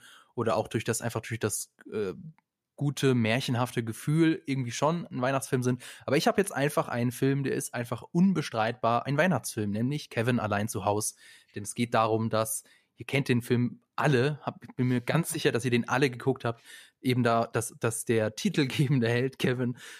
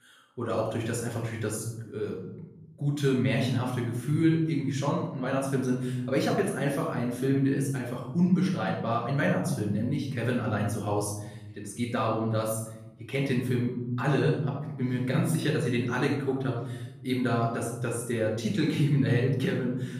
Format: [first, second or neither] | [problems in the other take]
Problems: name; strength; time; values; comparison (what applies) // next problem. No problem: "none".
first | off-mic speech; far // room echo; noticeable; dies away in 1.4 s